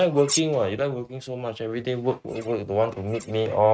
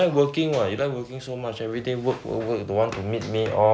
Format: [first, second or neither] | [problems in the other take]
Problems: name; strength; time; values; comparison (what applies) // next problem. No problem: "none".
second | noise reduction (neural mask model RNNoise)